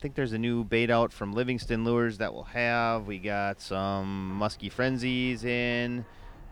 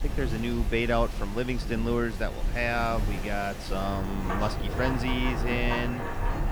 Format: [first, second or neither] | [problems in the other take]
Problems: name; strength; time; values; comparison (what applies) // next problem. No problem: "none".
first | rain or running water; loud; throughout; 3 dB below the speech; faint in the first